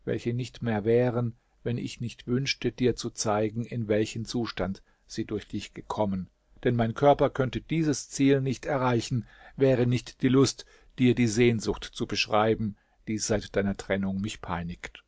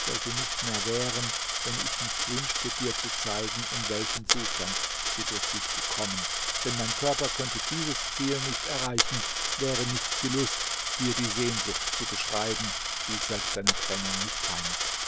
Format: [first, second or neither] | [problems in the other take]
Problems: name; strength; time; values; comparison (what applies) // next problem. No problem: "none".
first | background sound (Coin (dropping)); 4 dB above the speech